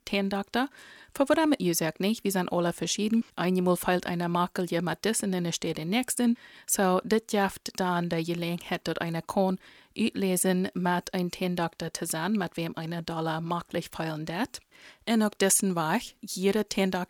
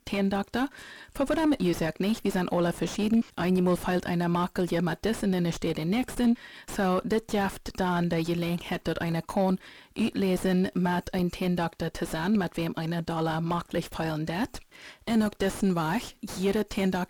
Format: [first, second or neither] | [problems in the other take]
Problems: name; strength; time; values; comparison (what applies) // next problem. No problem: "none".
first | distortion; heavy; 6 dB below the speech